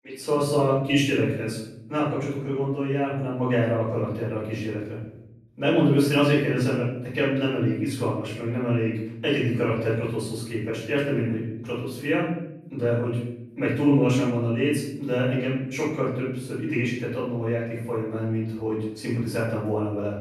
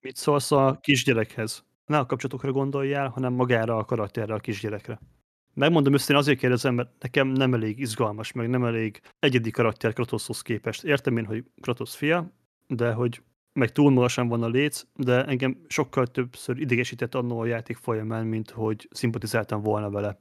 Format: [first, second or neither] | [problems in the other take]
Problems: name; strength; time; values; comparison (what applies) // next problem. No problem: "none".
second | off-mic speech; far // room echo; noticeable; dies away in 0.8 s